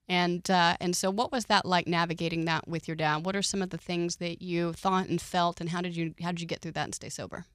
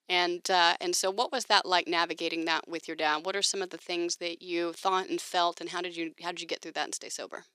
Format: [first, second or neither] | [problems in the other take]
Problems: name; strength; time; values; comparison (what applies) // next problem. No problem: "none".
first | thin; very; fading below 350 Hz